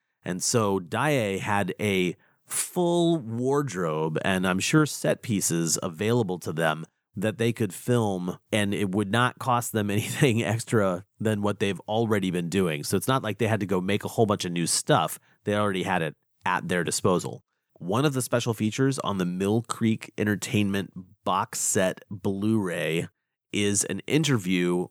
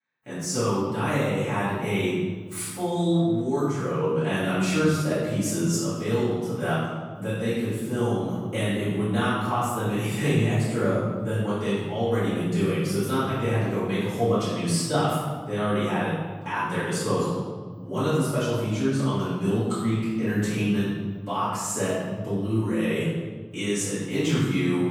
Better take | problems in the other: first | off-mic speech; far // room echo; strong; dies away in 1.5 s

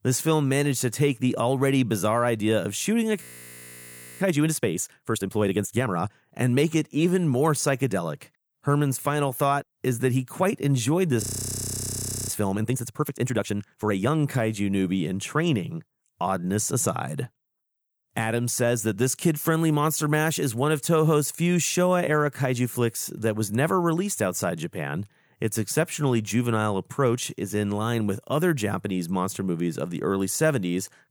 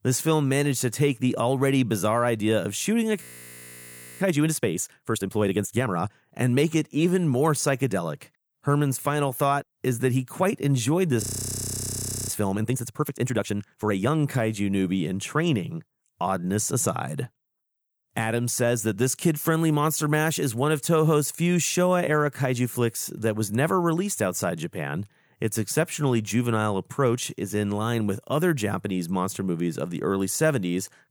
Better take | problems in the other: neither | audio freezing; at 3 s for 1 s and at 11 s for 1 s; the same in both

